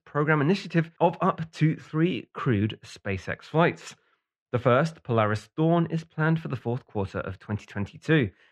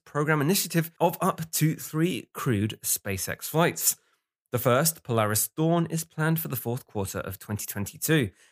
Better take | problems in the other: second | muffled; very; fading above 3 kHz

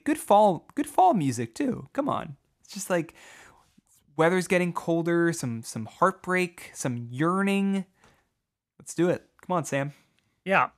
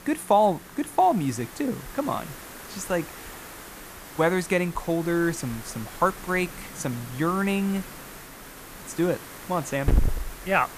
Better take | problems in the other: first | hiss; noticeable; throughout; 10 dB below the speech

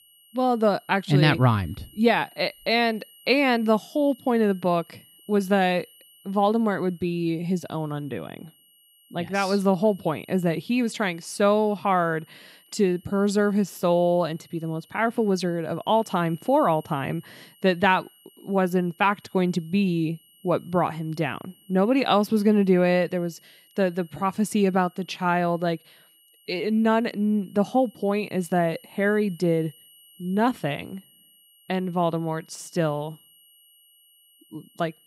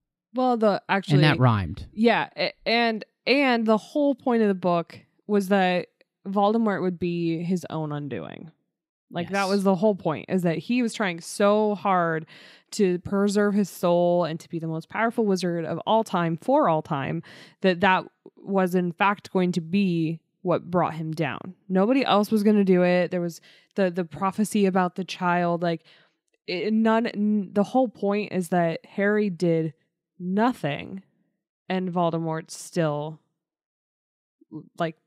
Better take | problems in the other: second | high-pitched whine; faint; throughout; 3 kHz, 30 dB below the speech

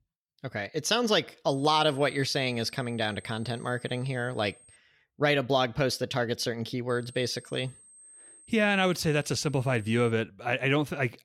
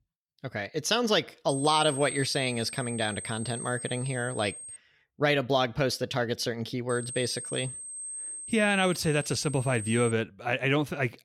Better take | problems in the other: first | high-pitched whine; loud; from 1.5 to 5 s and from 7 to 10 s; 8.5 kHz, 9 dB below the speech; faint in the first

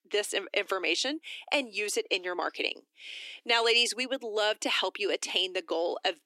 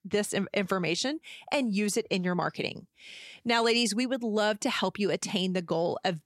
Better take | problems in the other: second | thin; somewhat; fading below 300 Hz

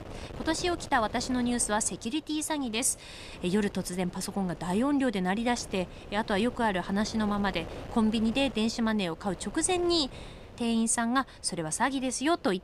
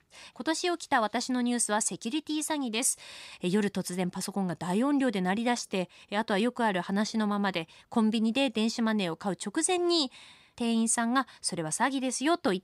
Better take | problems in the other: second | wind noise on the microphone; occasional gusts; 15 dB below the speech

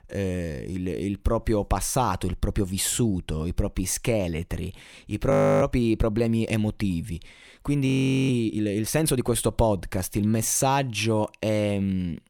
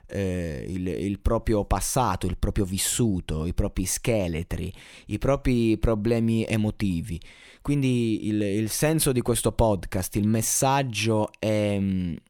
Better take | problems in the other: second | audio freezing; at 5.5 s and at 8 s

